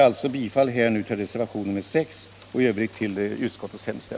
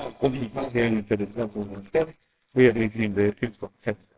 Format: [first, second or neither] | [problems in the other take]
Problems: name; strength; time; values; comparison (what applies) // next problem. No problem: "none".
first | noise reduction (neural separator model SepFormer WHAMR!)